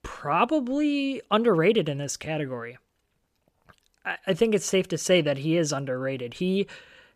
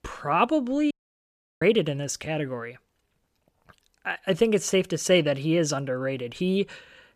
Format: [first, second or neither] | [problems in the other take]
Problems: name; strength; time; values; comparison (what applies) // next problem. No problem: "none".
first | audio cutting out; at 1 s for 0.5 s